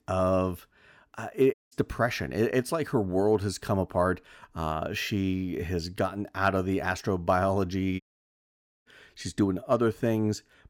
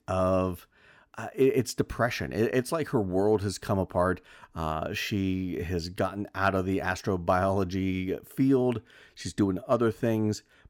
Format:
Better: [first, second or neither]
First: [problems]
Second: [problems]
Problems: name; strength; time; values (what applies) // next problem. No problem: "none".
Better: second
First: audio cutting out; at 1.5 s and at 8 s for 1 s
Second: none